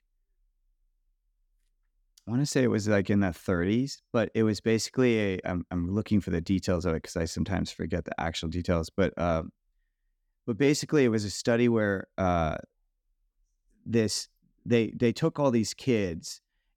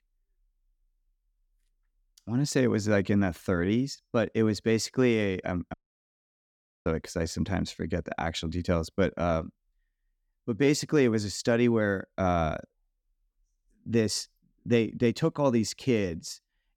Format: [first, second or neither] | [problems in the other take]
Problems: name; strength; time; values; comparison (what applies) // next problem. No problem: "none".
first | audio cutting out; at 5.5 s for 1 s